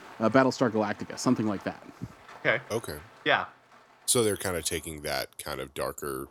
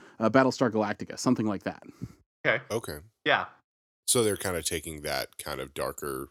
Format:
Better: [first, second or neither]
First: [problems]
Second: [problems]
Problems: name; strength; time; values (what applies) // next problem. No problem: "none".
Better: second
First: rain or running water; faint; throughout; 20 dB below the speech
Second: none